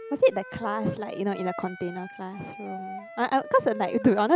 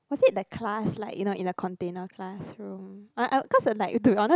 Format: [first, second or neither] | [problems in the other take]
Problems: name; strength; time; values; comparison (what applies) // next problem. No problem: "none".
second | background sound (Wind instrument, woodwind instrument); 14 dB below the speech